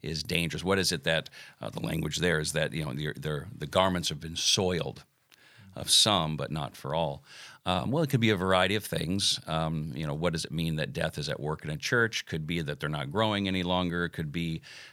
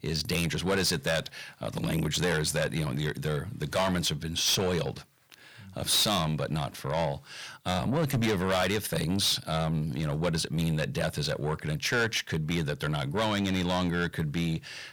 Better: first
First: none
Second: distortion; heavy; 7 dB below the speech

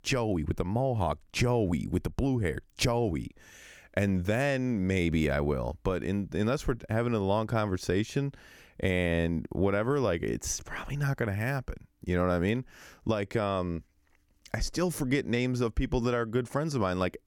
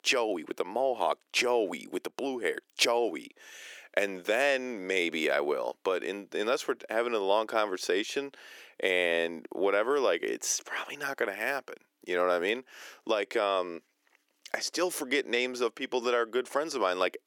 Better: first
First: none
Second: thin; very; fading below 350 Hz

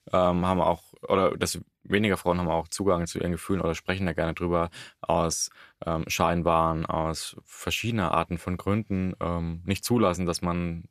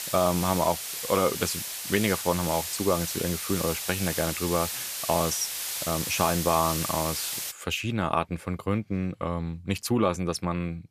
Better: first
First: none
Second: hiss; loud; until 7.5 s; 3 dB below the speech

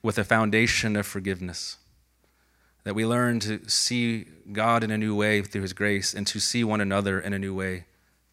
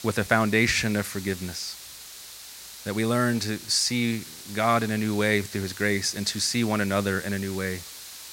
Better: first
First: none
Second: hiss; noticeable; throughout; 15 dB below the speech

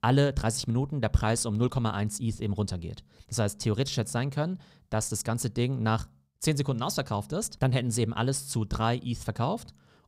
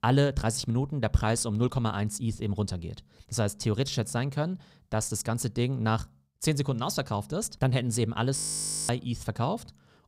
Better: first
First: none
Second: audio freezing; at 8.5 s for 0.5 s

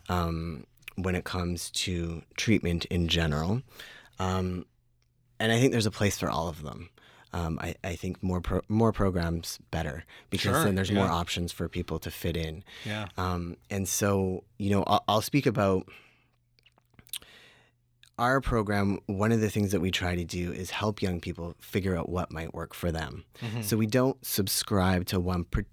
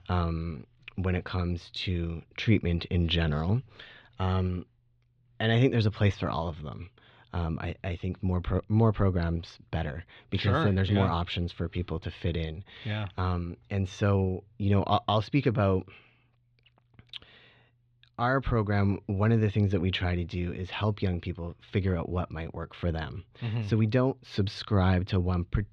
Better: first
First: none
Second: muffled; slightly; fading above 3.5 kHz

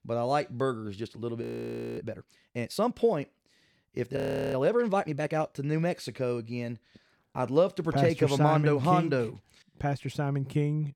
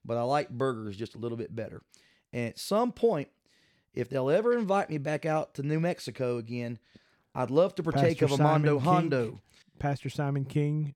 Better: second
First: audio freezing; at 1.5 s for 0.5 s and at 4 s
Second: none

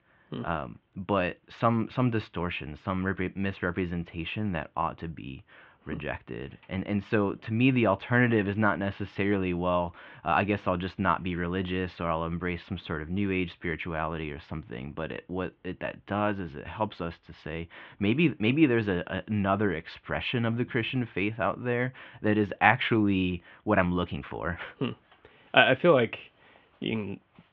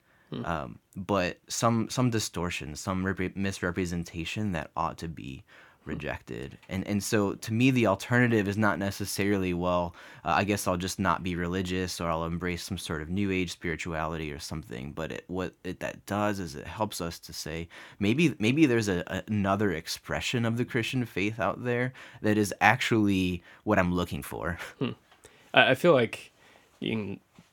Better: second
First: muffled; very; fading above 3 kHz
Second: none

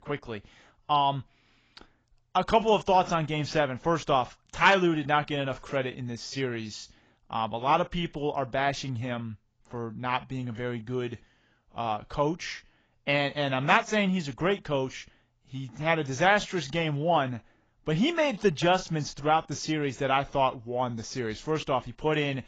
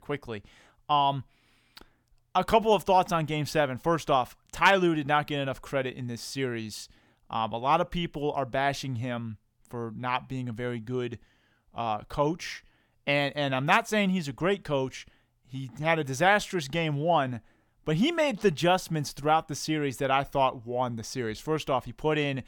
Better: second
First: garbled, watery; badly; nothing above 7.5 kHz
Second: none

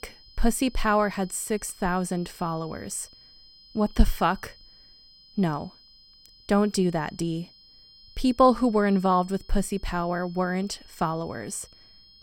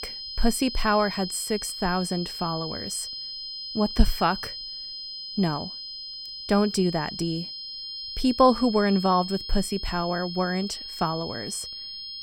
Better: first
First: high-pitched whine; faint; throughout; 5 kHz, 25 dB below the speech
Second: high-pitched whine; loud; throughout; 5 kHz, 7 dB below the speech

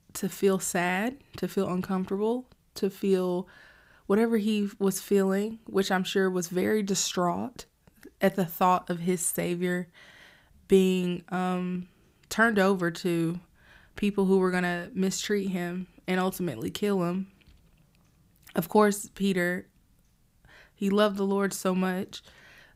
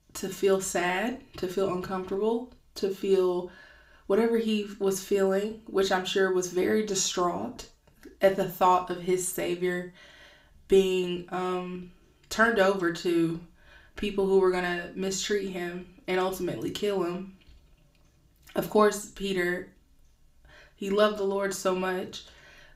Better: first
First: none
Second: room echo; very slight; dies away in 0.3 s // off-mic speech; somewhat distant

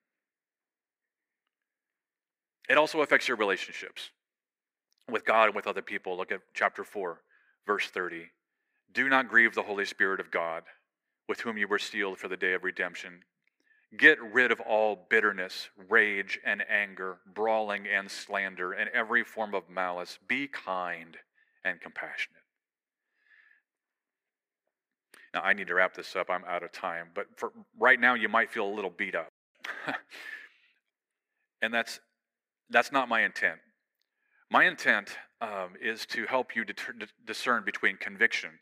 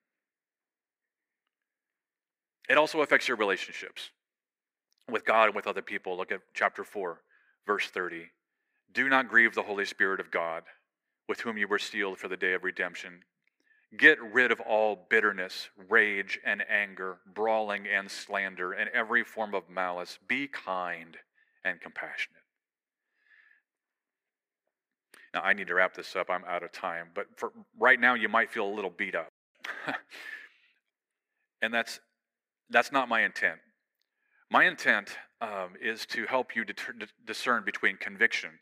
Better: neither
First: thin; somewhat; fading below 300 Hz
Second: thin; somewhat; fading below 300 Hz

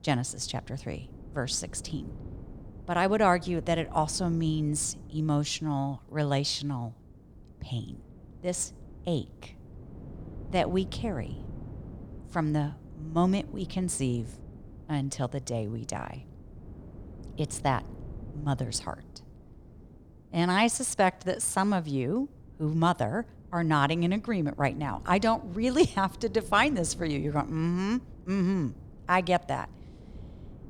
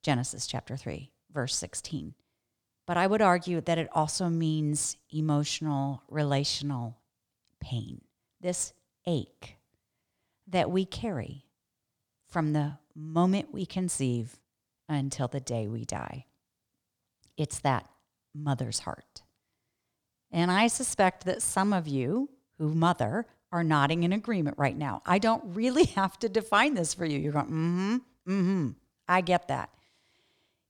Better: second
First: wind noise on the microphone; occasional gusts; 25 dB below the speech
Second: none

